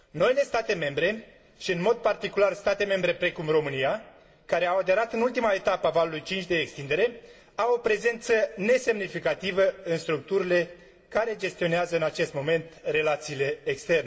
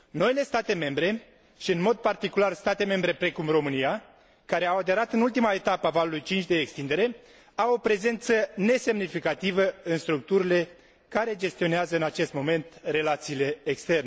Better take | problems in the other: second | room echo; dies away in 0.9 s

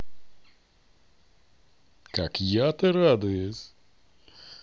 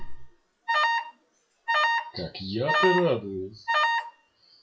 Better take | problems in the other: first | noise reduction (classical method WPE with log-MMSE)

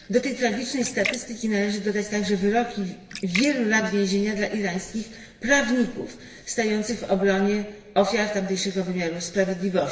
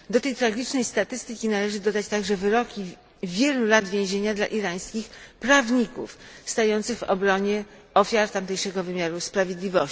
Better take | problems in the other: second | background sound (Splash, splatter); 13 dB below the speech // room echo; dies away in 1 s

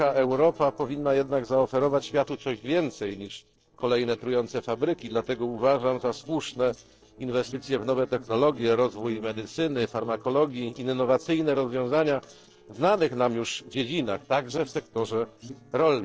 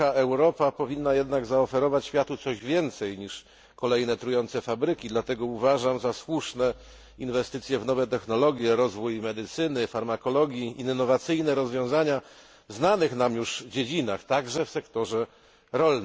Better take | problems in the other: second | noise reduction (neural separator model SepFormer DNS4)

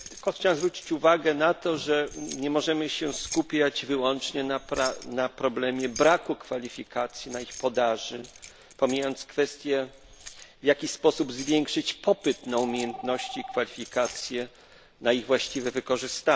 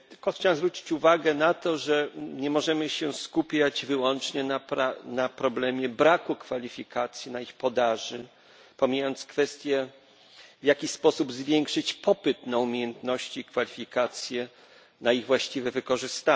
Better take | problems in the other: second | background sound (Telephone + Keys jangling); 17 dB below the speech

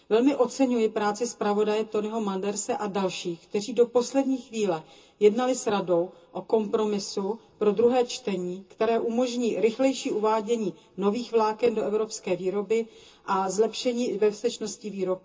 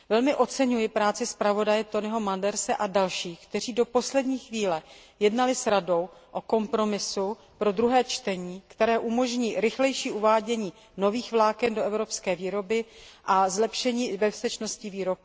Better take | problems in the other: second | room echo; dies away in 0.2 s

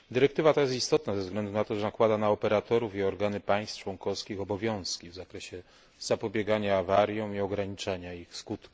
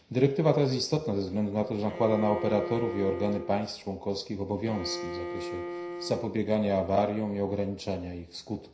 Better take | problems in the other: first | background sound (Bowed string instrument); 9 dB below the speech // room echo; dies away in 0.5 s

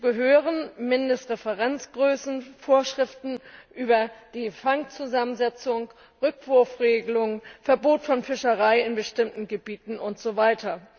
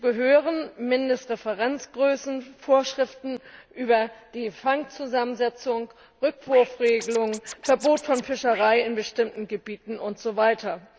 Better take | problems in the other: first | background sound (Scratching (performance technique)); 16 dB below the speech

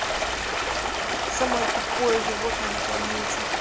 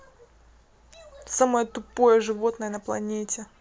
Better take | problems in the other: second | background sound (Stream); 5 dB above the speech

